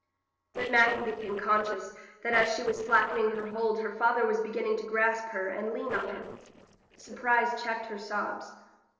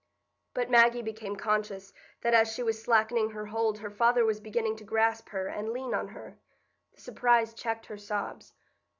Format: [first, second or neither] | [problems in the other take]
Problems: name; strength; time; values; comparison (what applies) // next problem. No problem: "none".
second | noise reduction (neural separator model SepFormer DNS4)